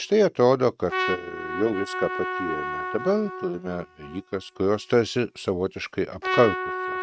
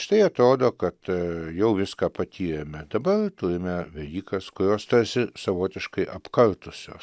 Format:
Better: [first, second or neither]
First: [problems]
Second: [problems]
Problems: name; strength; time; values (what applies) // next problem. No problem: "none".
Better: second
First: noise reduction (neural mask model RNNoise)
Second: none